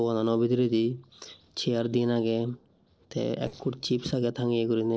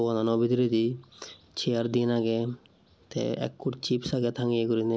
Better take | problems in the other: second | noise reduction (neural separator model SepFormer DNS4)

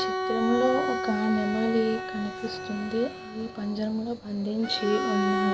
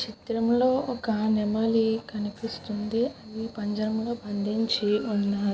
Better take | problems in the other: second | background sound (Bowed string instrument); 4 dB below the speech

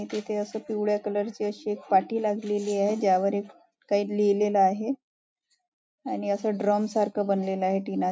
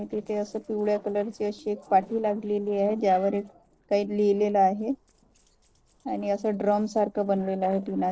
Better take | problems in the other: first | noise reduction (neural separator model SepFormer DNS4)

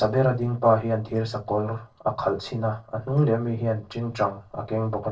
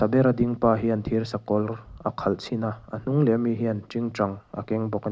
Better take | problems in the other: second | noise reduction (neural separator model SepFormer DNS4)

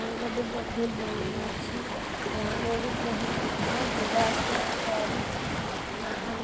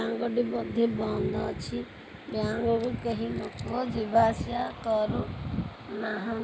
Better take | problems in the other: second | background sound (Waves, surf); 2 dB above the speech

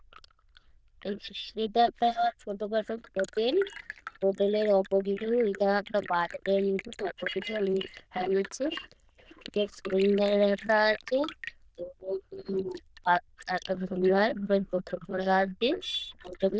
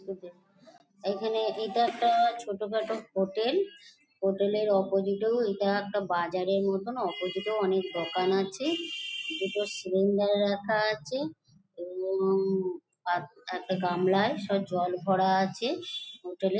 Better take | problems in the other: second | noise reduction (neural diffusion model UNIVERSE++)

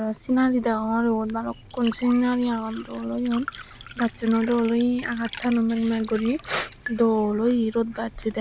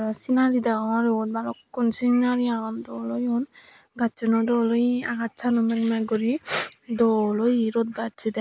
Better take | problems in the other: second | background sound (Liquid); 18 dB below the speech

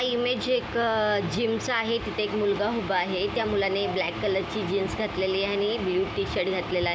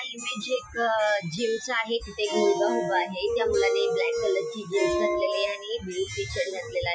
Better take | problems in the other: first | noise reduction (classical method Wiener filter)

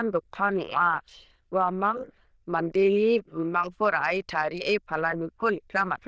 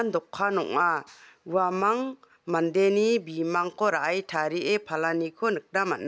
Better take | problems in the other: second | noise reduction (neural diffusion model UNIVERSE++)

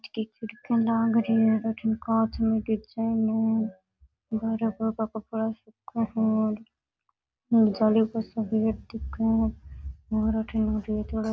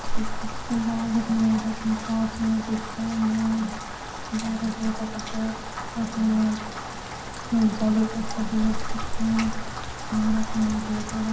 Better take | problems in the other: first | background sound (Rain); 4 dB below the speech // room echo; dies away in 0.9 s

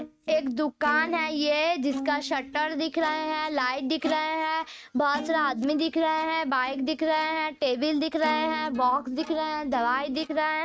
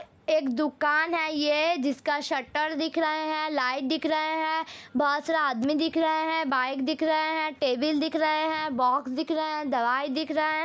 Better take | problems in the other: second | noise reduction (neural mask model RNNoise)

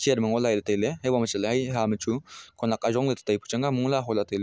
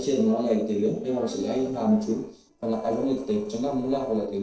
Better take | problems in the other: first | noise reduction (neural separator model SepFormer DNS4)

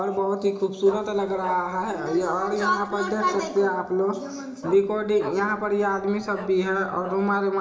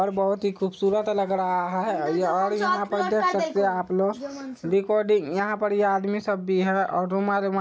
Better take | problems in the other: second | background sound (Bark); 17 dB below the speech // room echo; dies away in 0.8 s

